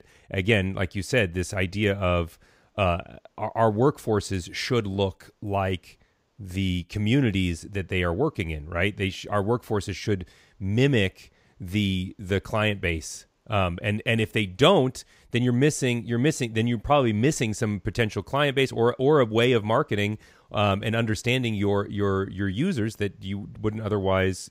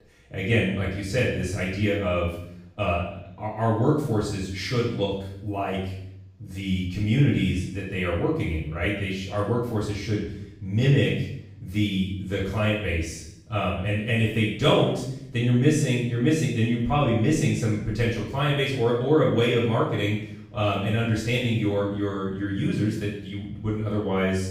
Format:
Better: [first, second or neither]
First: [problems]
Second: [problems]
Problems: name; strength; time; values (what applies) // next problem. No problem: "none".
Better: first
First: none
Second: off-mic speech; far // room echo; noticeable; dies away in 0.7 s